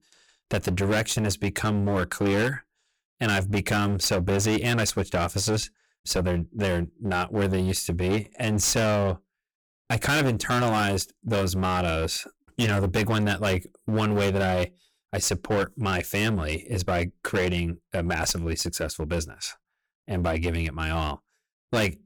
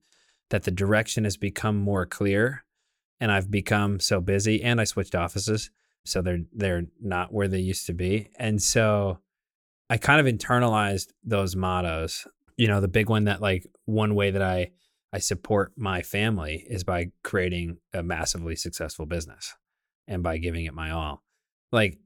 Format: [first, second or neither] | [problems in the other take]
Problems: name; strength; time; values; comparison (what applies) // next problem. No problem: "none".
second | distortion; heavy; 16% of the sound clipped